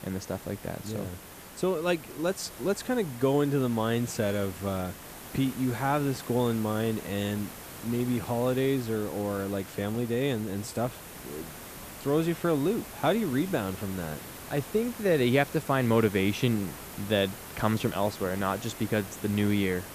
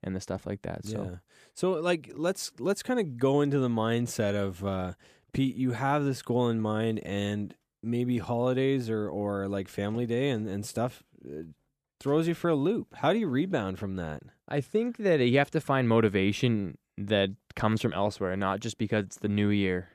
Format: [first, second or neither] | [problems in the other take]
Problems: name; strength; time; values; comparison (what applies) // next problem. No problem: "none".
second | hiss; noticeable; throughout; 15 dB below the speech